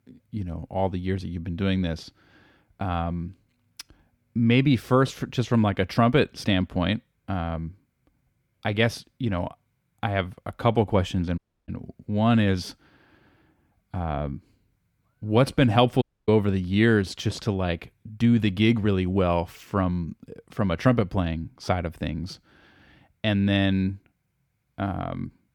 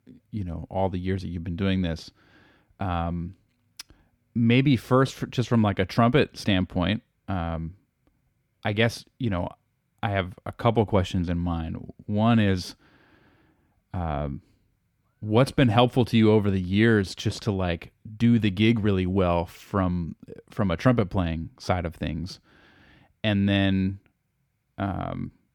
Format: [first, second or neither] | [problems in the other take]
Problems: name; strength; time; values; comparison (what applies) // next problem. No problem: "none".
second | audio cutting out; at 11 s and at 16 s